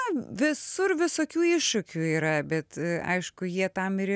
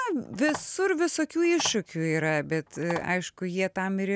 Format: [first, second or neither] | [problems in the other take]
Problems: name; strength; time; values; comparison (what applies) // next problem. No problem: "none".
first | background sound (Telephone); 15 dB below the speech